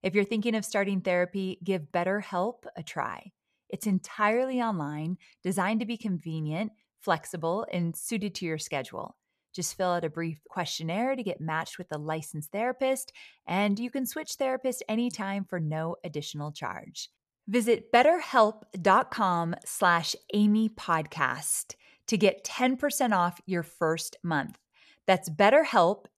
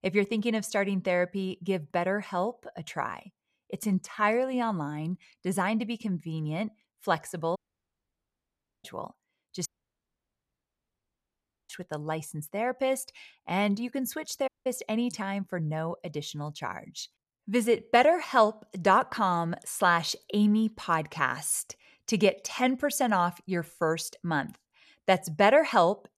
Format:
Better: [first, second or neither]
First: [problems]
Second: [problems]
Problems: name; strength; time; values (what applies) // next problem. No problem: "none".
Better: first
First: none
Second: audio cutting out; at 7.5 s for 1.5 s, at 9.5 s for 2 s and at 14 s